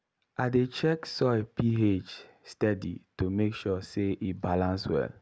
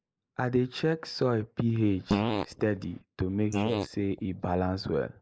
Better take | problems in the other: first | noise reduction (neural mask model Resemble Enhance denoiser)

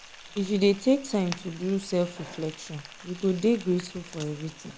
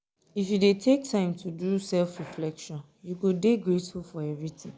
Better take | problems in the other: second | background sound (Frying (food)); 17 dB below the speech

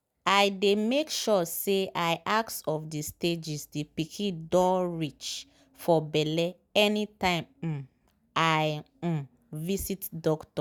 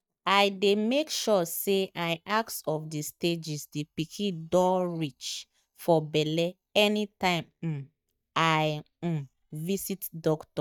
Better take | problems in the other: first | noise reduction (neural mask model DeepFilterNet 3)

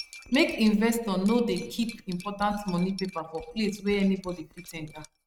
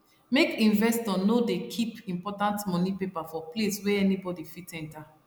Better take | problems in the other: second | noise reduction (neural mask model RNNoise)

